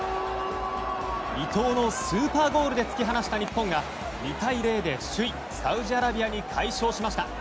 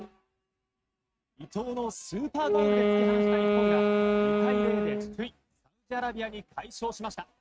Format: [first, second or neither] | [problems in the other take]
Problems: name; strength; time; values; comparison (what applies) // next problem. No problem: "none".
first | noise reduction (neural mask model RNNoise)